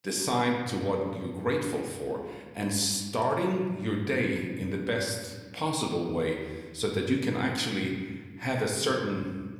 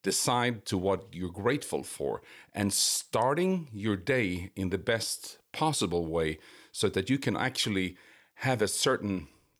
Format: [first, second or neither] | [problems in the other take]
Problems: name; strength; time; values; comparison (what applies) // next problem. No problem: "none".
second | room echo; noticeable; dies away in 1.4 s // off-mic speech; somewhat distant